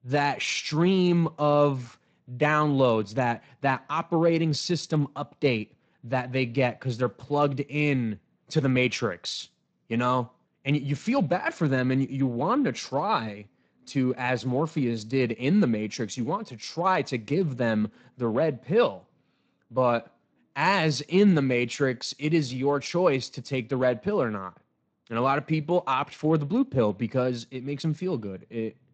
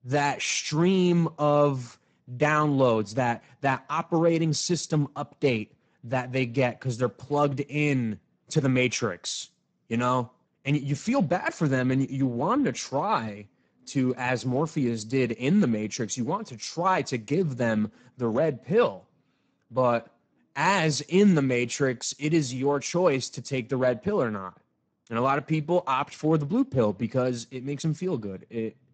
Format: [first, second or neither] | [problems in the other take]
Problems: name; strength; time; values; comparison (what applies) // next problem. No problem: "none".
first | garbled, watery; badly; nothing above 7.5 kHz; slightly in the first